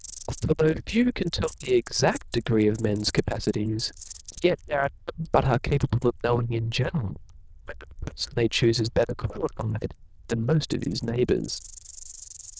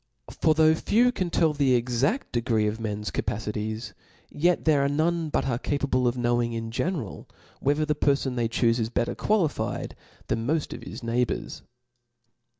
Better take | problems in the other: second | noise reduction (neural diffusion model UNIVERSE++)

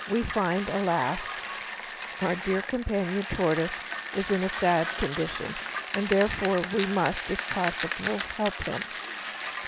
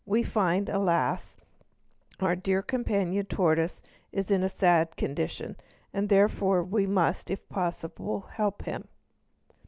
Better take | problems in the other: second | background sound (Bicycle); 6 dB below the speech

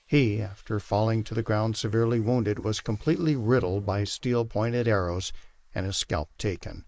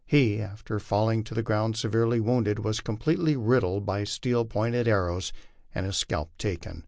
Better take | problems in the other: second | noise reduction (neural mask model Resemble Enhance denoiser)

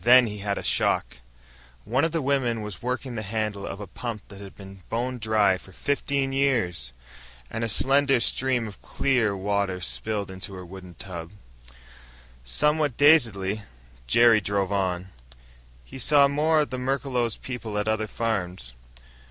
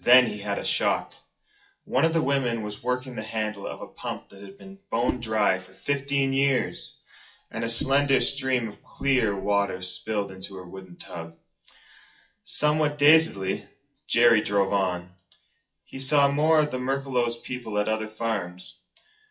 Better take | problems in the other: first | noise reduction (classical method WPE with log-MMSE)

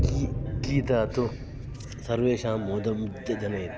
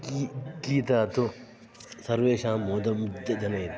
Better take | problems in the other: second | background sound (Boom); 4 dB below the speech

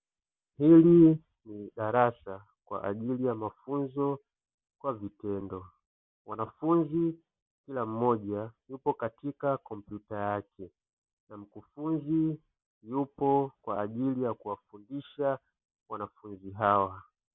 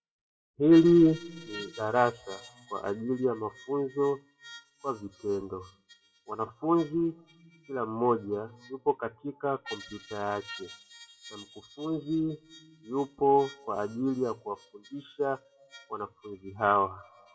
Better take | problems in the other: first | noise reduction (classical method WPE with log-MMSE)

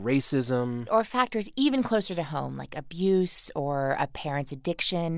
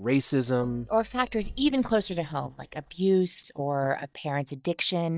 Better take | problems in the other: first | noise reduction (neural mask model DeepFilterNet 3)

